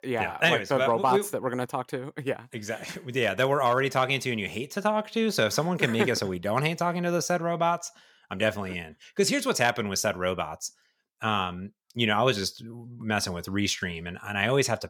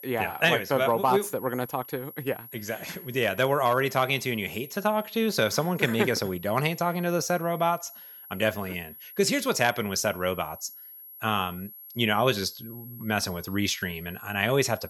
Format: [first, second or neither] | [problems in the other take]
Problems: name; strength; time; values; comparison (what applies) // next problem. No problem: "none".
first | high-pitched whine; noticeable; throughout; 11.5 kHz, 15 dB below the speech